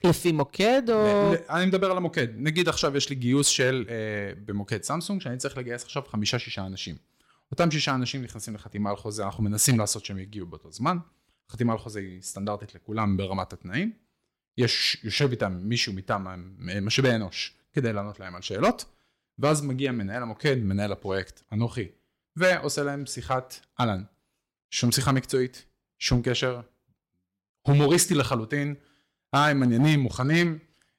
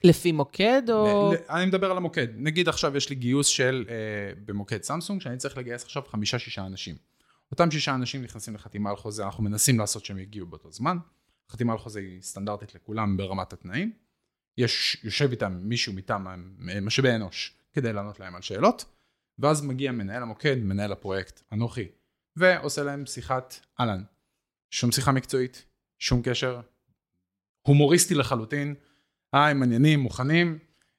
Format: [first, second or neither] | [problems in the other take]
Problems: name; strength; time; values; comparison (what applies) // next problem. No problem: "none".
second | distortion; slight; 2% of the sound clipped